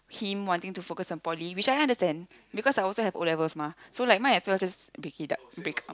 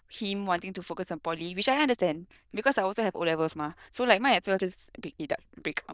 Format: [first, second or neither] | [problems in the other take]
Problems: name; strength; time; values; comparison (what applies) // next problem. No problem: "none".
first | noise reduction (neural diffusion model UNIVERSE++)